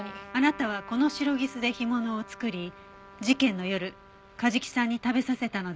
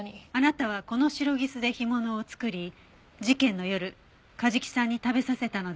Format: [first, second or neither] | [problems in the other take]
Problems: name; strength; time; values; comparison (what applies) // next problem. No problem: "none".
second | background sound (Trumpet); 19 dB below the speech